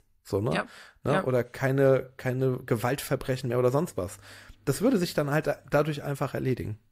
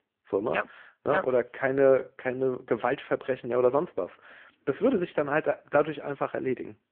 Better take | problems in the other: first | phone-call audio; poor line

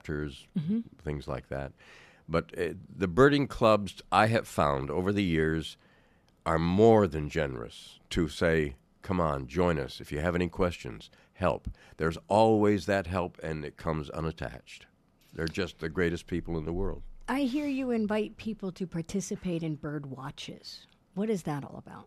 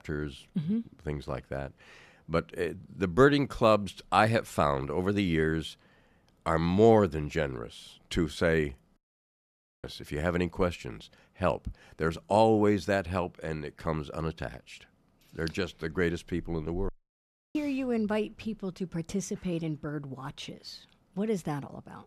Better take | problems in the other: first | audio cutting out; at 9 s for 1 s and at 17 s for 0.5 s

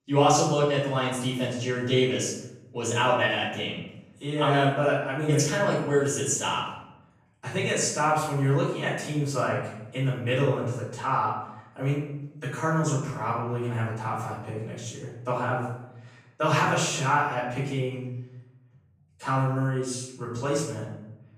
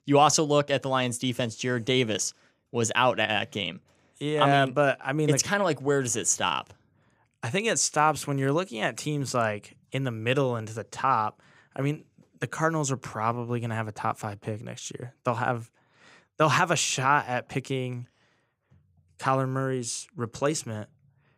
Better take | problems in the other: second | room echo; noticeable; dies away in 0.7 s // off-mic speech; far

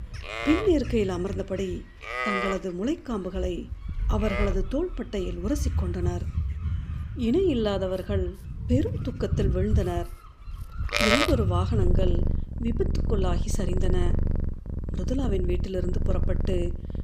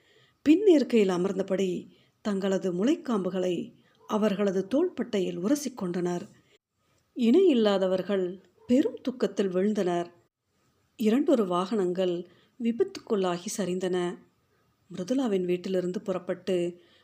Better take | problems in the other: second | animal sounds; loud; throughout; as loud as the speech

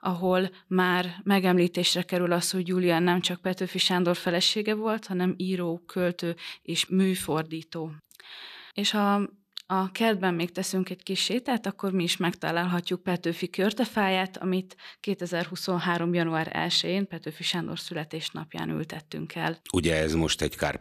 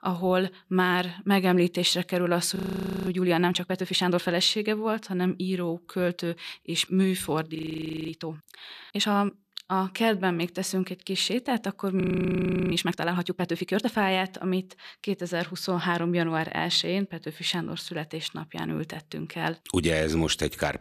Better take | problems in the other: first | audio freezing; at 2.5 s for 0.5 s, at 7.5 s for 0.5 s and at 12 s for 0.5 s

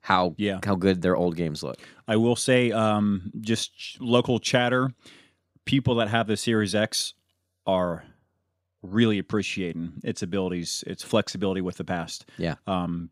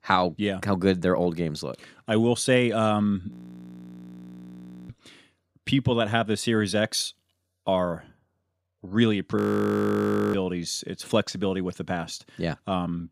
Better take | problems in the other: first | audio freezing; at 3.5 s for 1.5 s and at 9.5 s for 1 s

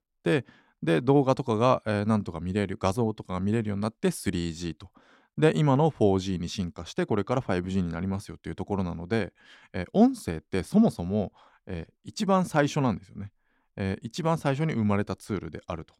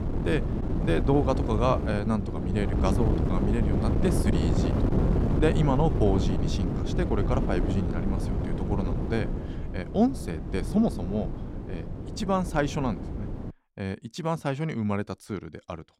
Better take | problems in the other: first | wind noise on the microphone; heavy; until 14 s; 5 dB below the speech

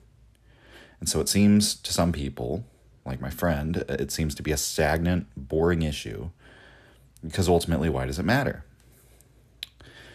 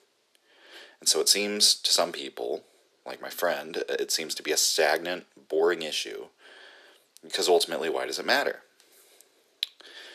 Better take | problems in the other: first | thin; very; fading below 400 Hz

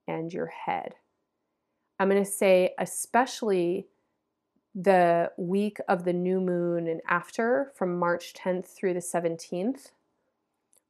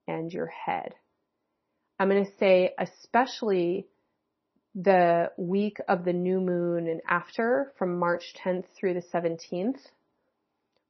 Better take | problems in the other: first | garbled, watery; slightly; nothing above 6 kHz

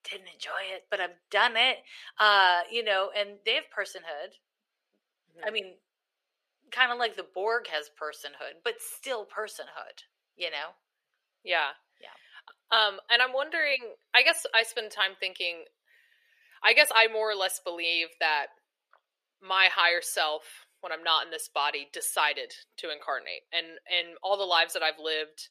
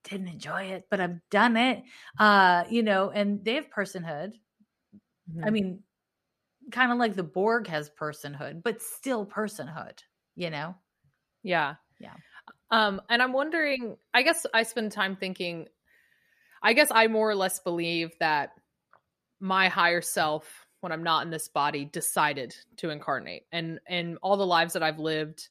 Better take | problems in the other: second | thin; very; fading below 450 Hz

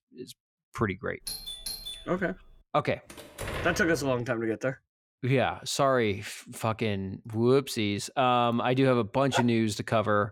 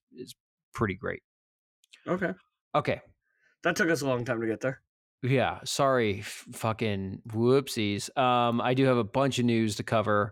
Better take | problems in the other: second | doorbell; noticeable; from 1.5 to 2.5 s; peak 7 dB below the speech // door banging; noticeable; from 3 to 4 s; peak 7 dB below the speech // dog barking; noticeable; at 9.5 s; peak 5 dB below the speech

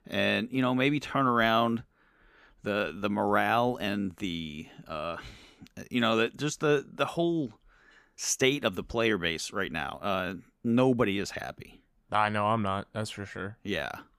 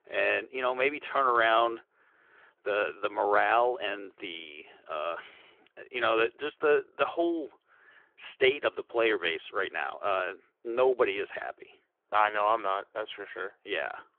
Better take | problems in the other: first | phone-call audio; nothing above 3.5 kHz

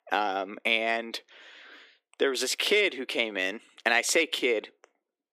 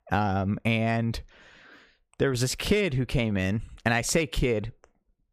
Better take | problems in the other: second | thin; very; fading below 300 Hz

